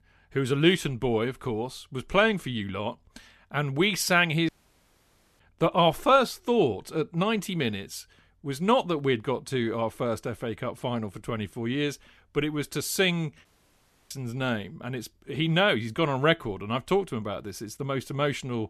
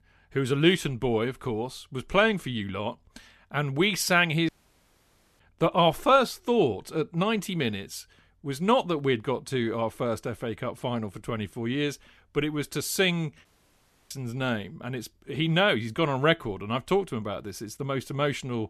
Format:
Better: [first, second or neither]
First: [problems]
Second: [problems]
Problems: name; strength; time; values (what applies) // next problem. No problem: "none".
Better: neither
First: audio cutting out; at 4.5 s for 1 s and at 13 s for 0.5 s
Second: audio cutting out; at 4.5 s for 1 s and at 13 s for 0.5 s